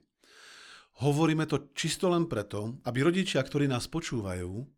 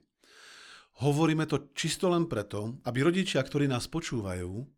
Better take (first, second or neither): neither